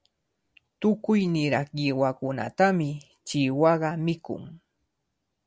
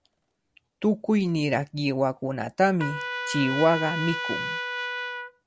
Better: first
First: none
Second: background sound (Trumpet); 8 dB below the speech

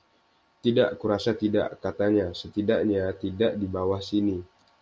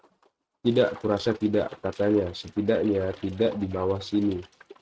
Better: first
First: none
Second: noise reduction (neural mask model RNNoise)

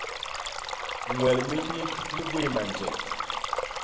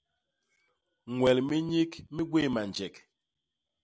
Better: second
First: background sound (Stream); 1 dB below the speech // room echo; dies away in 1.9 s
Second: none

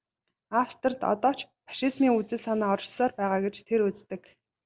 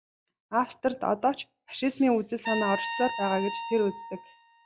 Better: first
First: none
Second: noise reduction (classical method log-MMSE)

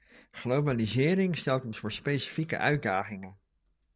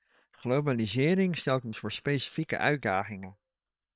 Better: first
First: none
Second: noise reduction (neural separator model SepFormer WHAM!)

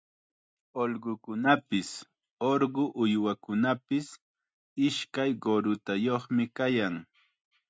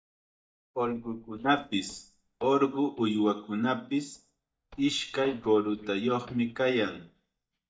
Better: first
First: none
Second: noise reduction (neural mask model DeepFilterNet 3)

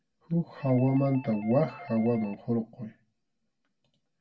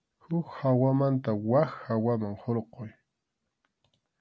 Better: second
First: background sound (Doorbell); 19 dB below the speech // room echo; dies away in 0.1 s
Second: none

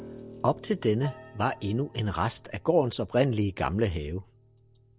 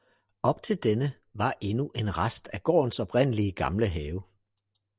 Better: second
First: background sound (Piano); 20 dB below the speech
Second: none

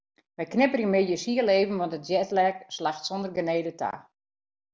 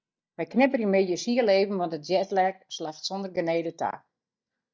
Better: first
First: none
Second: noise reduction (neural mask model DeepFilterNet 3)

